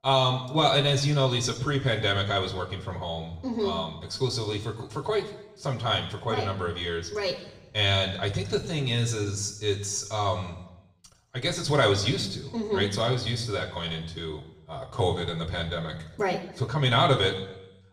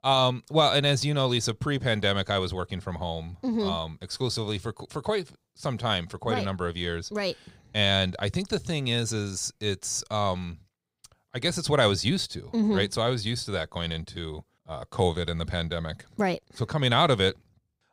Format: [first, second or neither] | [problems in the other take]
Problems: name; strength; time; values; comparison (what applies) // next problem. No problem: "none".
second | room echo; slight; dies away in 0.8 s // off-mic speech; somewhat distant